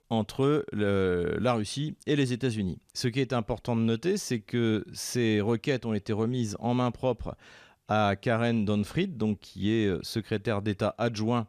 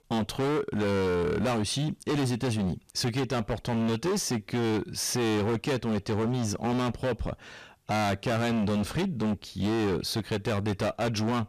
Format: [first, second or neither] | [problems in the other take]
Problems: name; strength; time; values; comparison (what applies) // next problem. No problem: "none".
first | distortion; heavy; 29% of the sound clipped